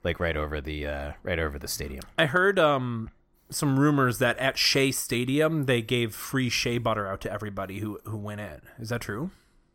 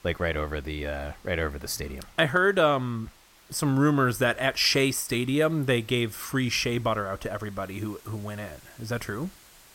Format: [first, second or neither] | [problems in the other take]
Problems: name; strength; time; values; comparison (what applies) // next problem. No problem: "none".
first | hiss; faint; throughout; 25 dB below the speech